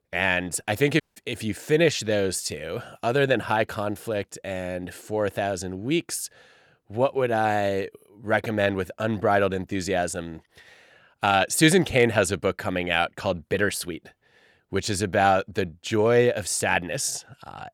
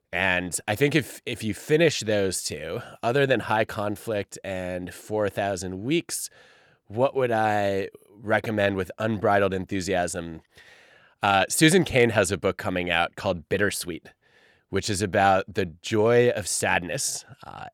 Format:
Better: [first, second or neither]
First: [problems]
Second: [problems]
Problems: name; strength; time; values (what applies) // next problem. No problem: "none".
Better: second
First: audio cutting out; at 1 s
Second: none